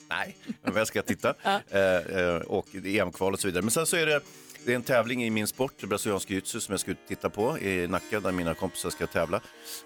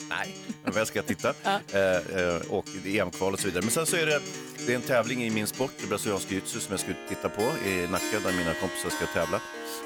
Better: first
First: background music; faint; throughout; 20 dB below the speech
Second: background music; loud; throughout; 8 dB below the speech

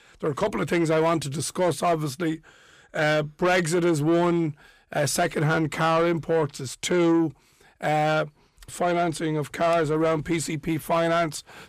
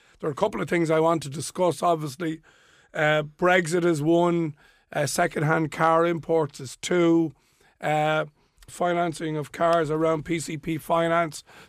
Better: second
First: distortion; slight; 10 dB below the speech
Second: none

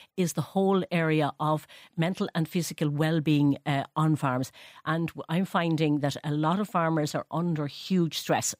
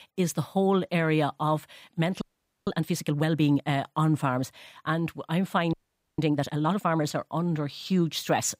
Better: first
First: none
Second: audio freezing; at 2 s and at 5.5 s

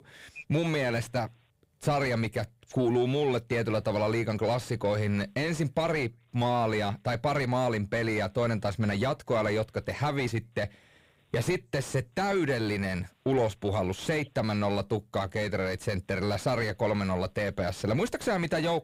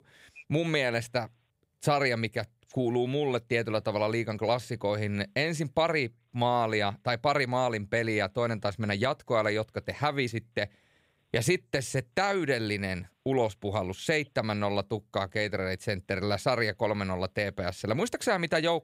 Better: second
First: distortion; heavy; 7 dB below the speech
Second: none

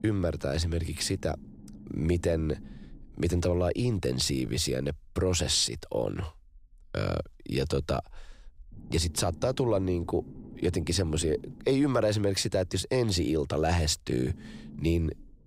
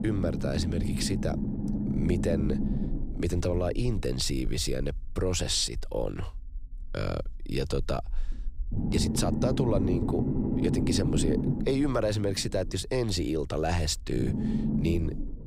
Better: first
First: low rumble; faint; throughout; 25 dB below the speech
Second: low rumble; loud; throughout; 5 dB below the speech

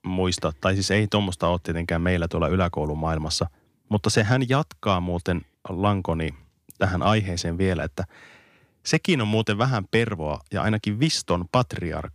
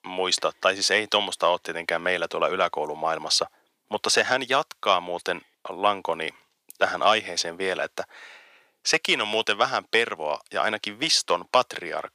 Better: first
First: none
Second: thin; very; fading below 600 Hz

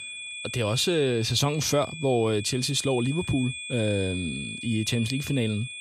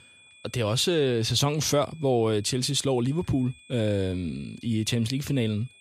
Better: second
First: high-pitched whine; loud; throughout; 2.5 kHz, 9 dB below the speech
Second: high-pitched whine; faint; throughout; 2.5 kHz, 25 dB below the speech

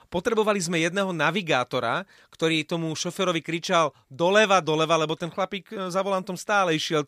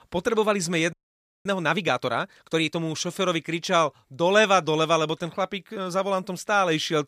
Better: first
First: none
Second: audio freezing; at 1 s for 0.5 s

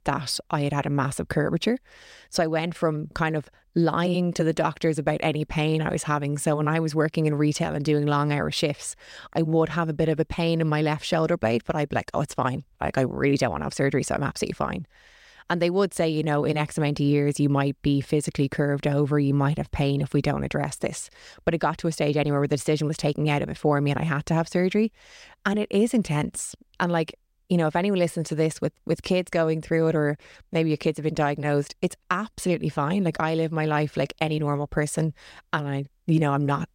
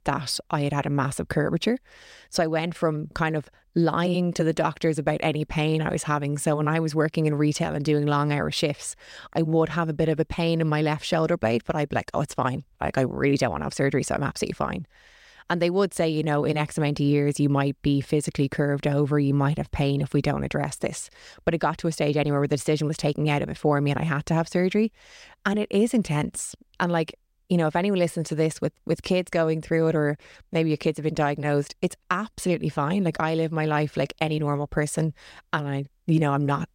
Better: neither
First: none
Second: none

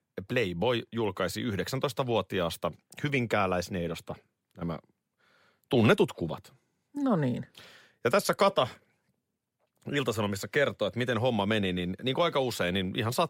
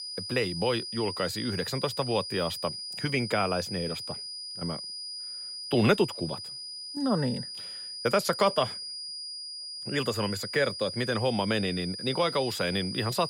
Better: first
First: none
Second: high-pitched whine; loud; throughout; 5 kHz, 6 dB below the speech

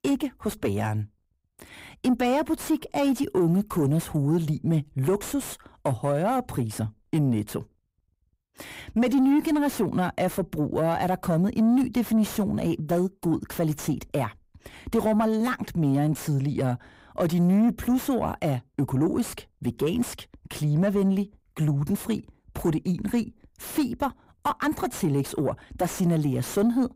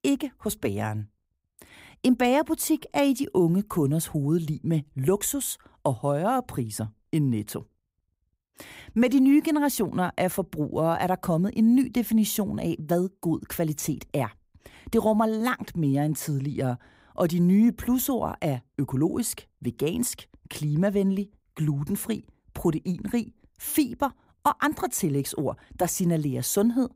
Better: second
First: distortion; slight; 10 dB below the speech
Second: none

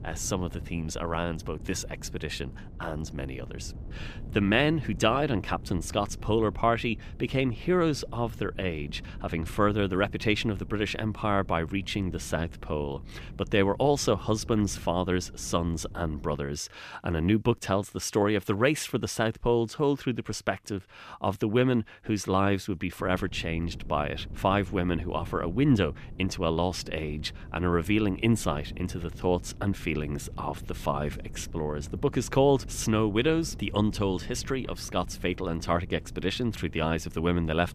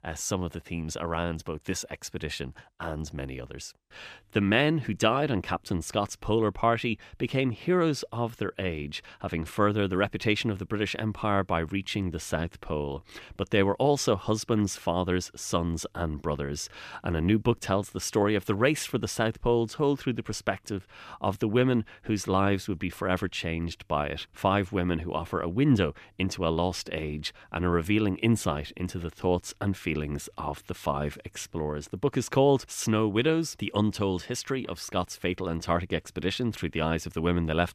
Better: second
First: wind noise on the microphone; occasional gusts; until 16 s and from 23 s on; 25 dB below the speech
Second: none

